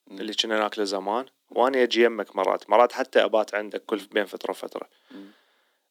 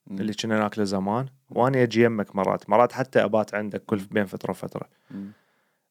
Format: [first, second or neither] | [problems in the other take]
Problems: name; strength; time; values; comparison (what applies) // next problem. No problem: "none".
second | thin; somewhat; fading below 250 Hz